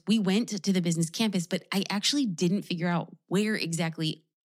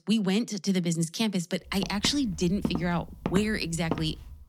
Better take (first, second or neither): first